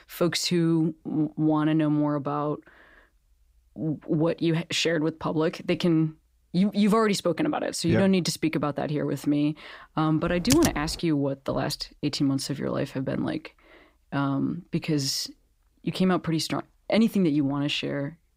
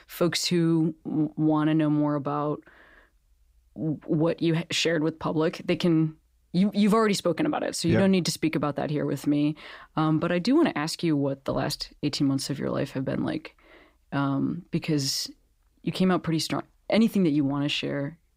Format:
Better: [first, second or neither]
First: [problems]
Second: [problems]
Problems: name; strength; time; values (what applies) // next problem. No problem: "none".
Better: second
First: keyboard typing; noticeable; at 10 s; peak 1 dB below the speech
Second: none